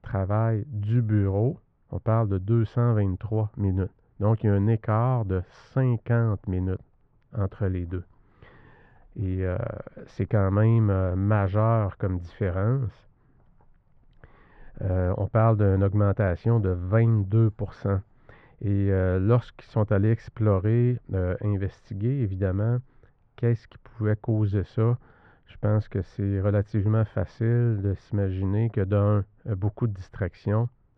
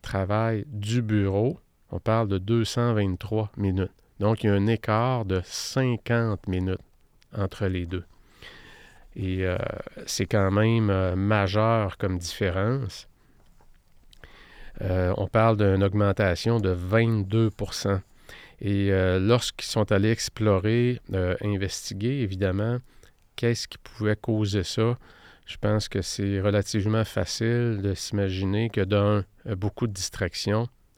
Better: second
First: muffled; very; fading above 1 kHz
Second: none

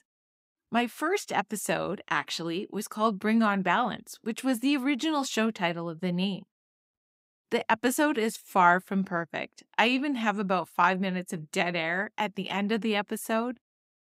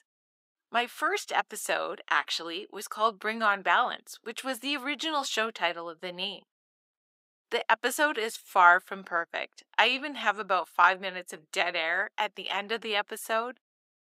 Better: first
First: none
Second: thin; very; fading below 550 Hz

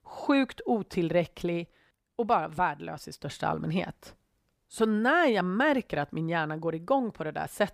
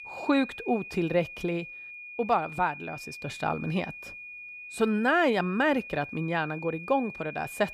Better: first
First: none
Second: high-pitched whine; noticeable; throughout; 2.5 kHz, 10 dB below the speech

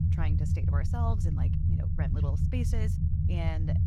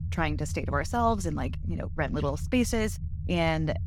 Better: second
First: low rumble; loud; throughout; 1 dB below the speech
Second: low rumble; faint; throughout; 20 dB below the speech

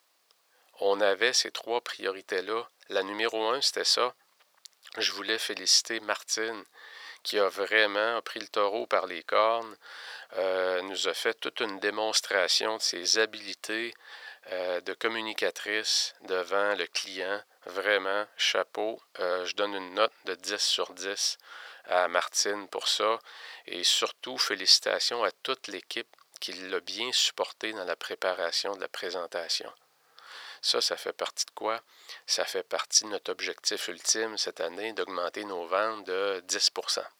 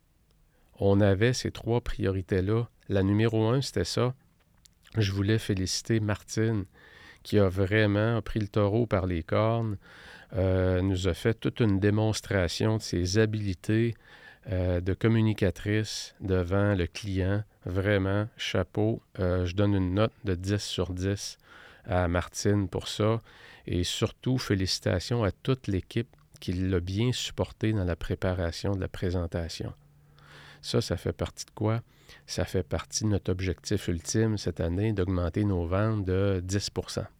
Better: second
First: thin; very; fading below 550 Hz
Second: none

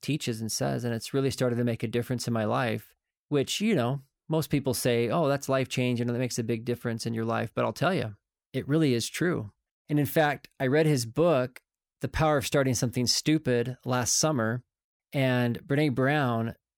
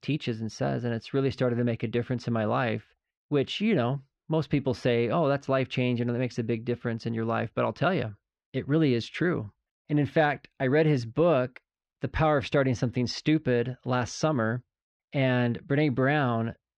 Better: first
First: none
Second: muffled; slightly; fading above 3.5 kHz

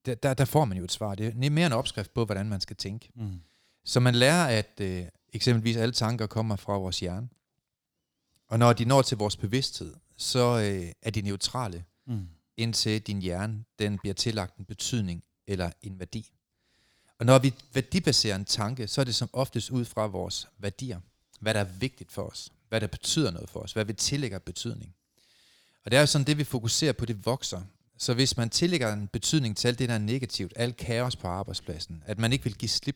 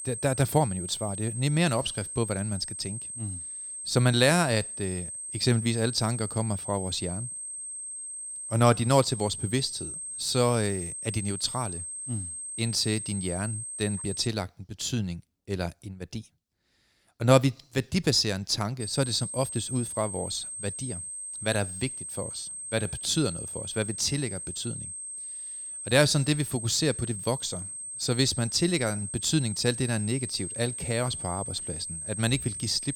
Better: first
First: none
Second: high-pitched whine; loud; until 14 s and from 19 s on; 8.5 kHz, 7 dB below the speech

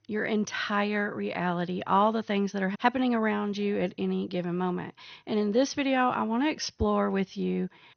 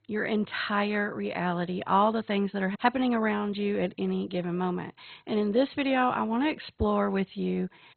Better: first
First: garbled, watery; slightly; nothing above 6.5 kHz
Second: garbled, watery; badly; nothing above 4 kHz

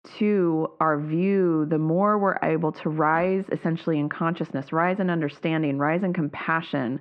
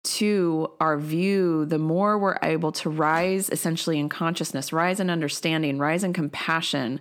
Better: second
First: muffled; very; fading above 2 kHz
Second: none

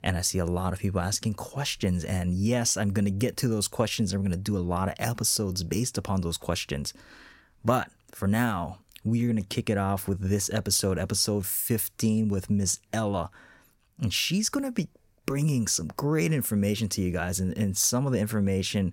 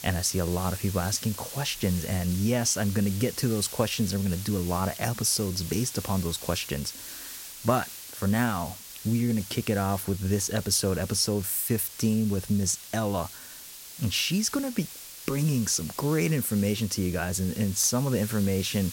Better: first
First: none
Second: hiss; noticeable; throughout; 10 dB below the speech

